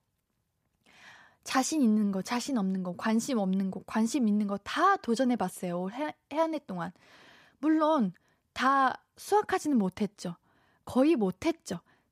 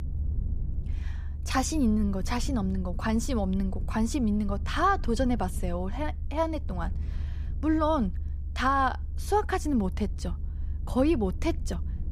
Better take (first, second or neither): first